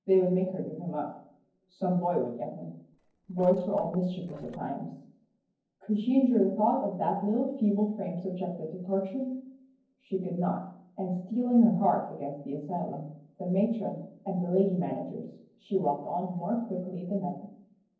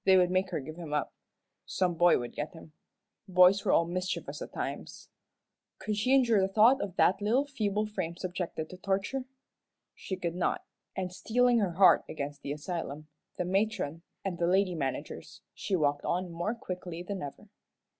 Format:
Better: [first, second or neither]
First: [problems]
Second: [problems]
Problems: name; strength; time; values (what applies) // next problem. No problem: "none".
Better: second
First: noise reduction (neural separator model SepFormer DNS4)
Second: none